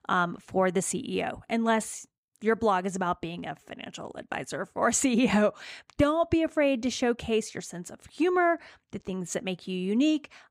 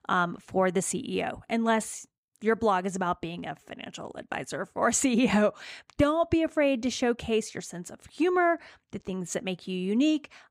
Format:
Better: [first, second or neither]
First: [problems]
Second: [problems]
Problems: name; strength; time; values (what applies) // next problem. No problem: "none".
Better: neither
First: none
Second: none